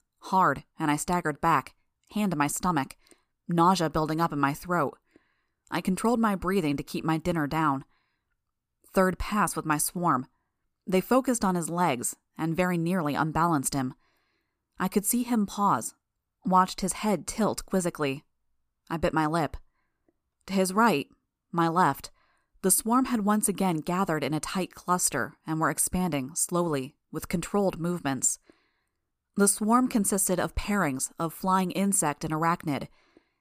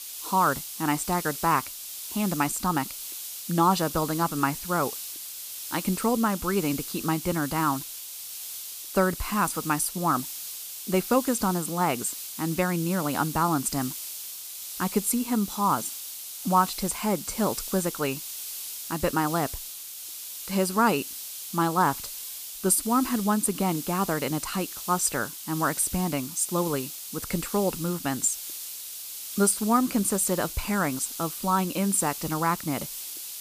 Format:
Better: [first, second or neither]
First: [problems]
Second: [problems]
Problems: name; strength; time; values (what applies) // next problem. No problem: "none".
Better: first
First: none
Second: hiss; loud; throughout; 8 dB below the speech